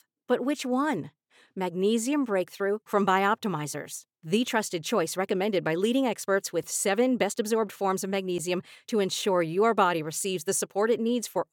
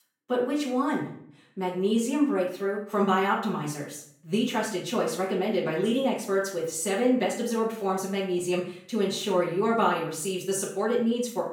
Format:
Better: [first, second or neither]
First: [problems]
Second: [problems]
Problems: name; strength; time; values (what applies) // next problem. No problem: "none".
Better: first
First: none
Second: off-mic speech; far // room echo; slight; dies away in 0.5 s